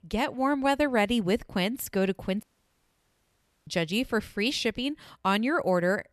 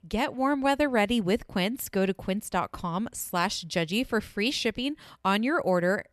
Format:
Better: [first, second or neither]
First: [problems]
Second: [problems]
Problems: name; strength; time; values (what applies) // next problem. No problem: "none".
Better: second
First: audio cutting out; at 2.5 s for 1 s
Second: none